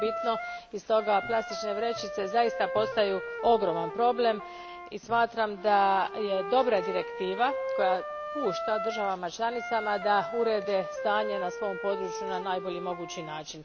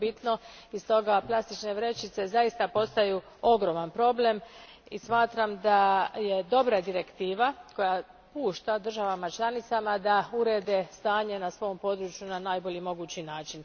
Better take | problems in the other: second | background sound (Wind instrument, woodwind instrument); 7 dB below the speech

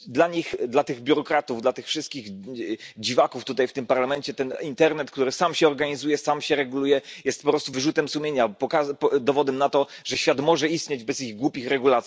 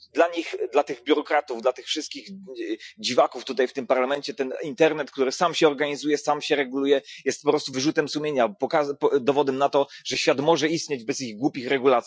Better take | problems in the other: first | noise reduction (classical method Wiener filter)

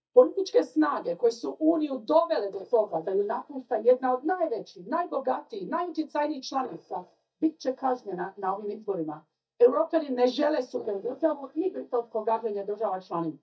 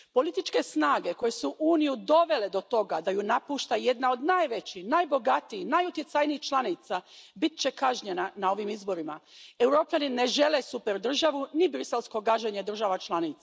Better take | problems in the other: second | noise reduction (neural mask model DeepFilterNet 3)

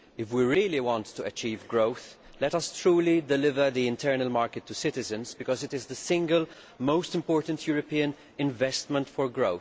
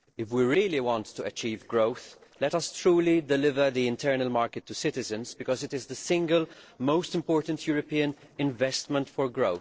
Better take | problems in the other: first | noise reduction (neural separator model SepFormer DNS4)

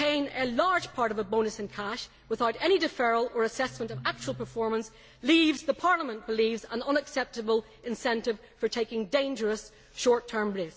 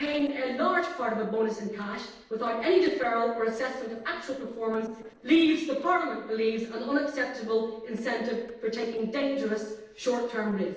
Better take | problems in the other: first | noise reduction (neural separator model SepFormer DNS4)

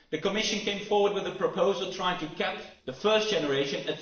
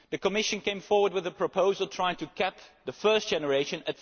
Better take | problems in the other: second | noise reduction (neural separator model SepFormer DNS4)

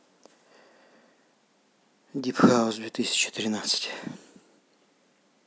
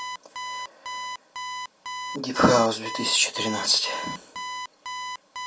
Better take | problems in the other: first | background sound (Alarm); 8 dB below the speech // room echo; dies away in 0.2 s

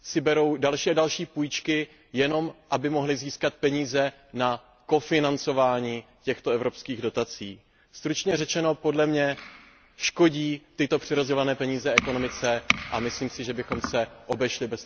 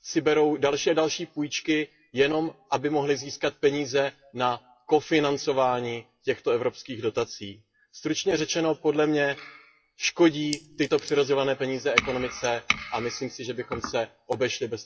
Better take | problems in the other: first | noise reduction (classical method WPE with log-MMSE)

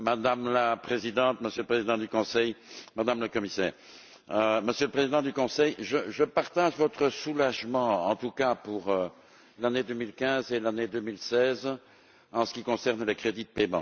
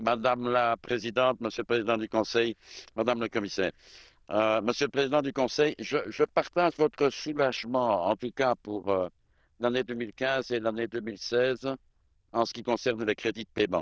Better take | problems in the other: first | noise reduction (neural diffusion model UNIVERSE++)

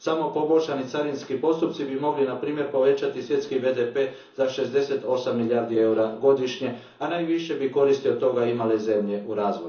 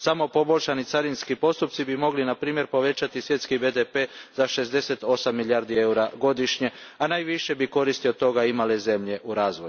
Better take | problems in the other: second | room echo; dies away in 0.8 s

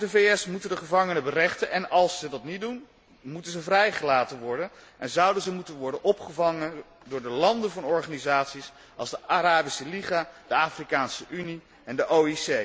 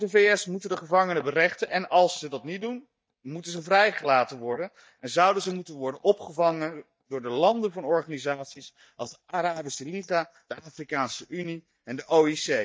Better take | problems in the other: first | noise reduction (neural mask model DeepFilterNet 3)

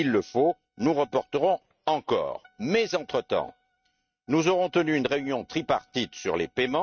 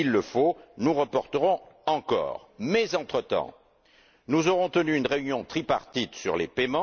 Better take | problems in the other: second | noise reduction (neural mask model RNNoise)

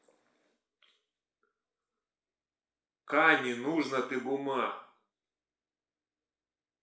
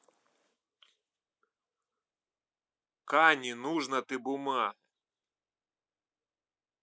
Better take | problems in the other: second | room echo; dies away in 0.5 s

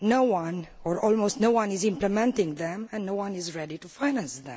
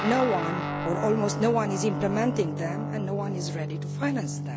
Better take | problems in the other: first | background sound (Guitar); 3 dB below the speech

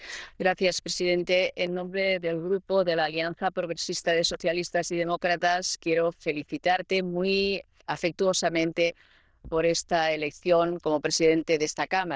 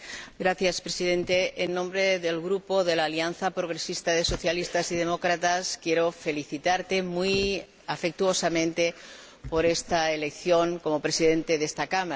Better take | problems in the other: second | noise reduction (neural diffusion model UNIVERSE++)

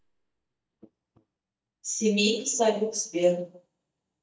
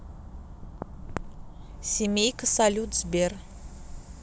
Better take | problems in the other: second | noise reduction (neural mask model DeepFilterNet 3)

